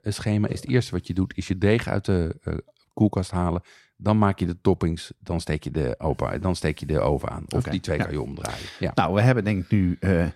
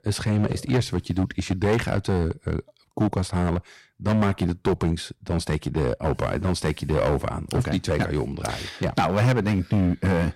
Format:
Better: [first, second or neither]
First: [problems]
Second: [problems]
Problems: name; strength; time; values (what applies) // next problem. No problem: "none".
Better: first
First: none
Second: distortion; heavy; 8% of the sound clipped